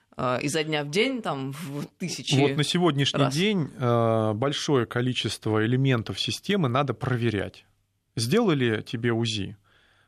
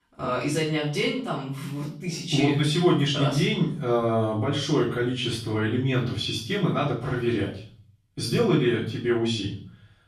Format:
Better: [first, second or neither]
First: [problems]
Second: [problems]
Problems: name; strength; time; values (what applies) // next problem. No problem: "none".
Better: first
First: none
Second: off-mic speech; far // room echo; noticeable; dies away in 0.5 s